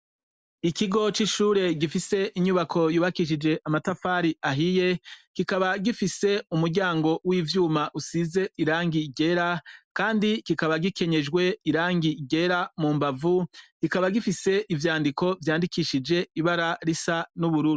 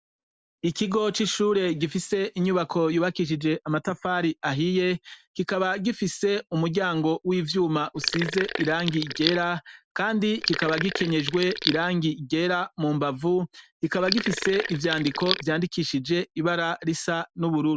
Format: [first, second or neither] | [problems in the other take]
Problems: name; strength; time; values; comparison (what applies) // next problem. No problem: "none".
first | background sound (Sink (filling or washing)); 5 dB below the speech